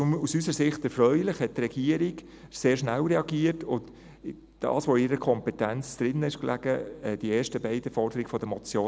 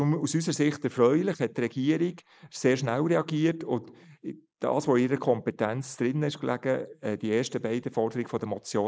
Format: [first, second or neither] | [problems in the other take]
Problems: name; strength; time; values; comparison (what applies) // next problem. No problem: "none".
first | noise reduction (neural mask model Resemble Enhance denoiser)